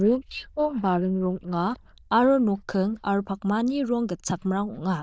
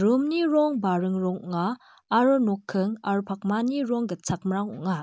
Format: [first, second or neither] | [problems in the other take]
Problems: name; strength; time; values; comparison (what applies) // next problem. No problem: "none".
second | noise reduction (neural diffusion model UNIVERSE++)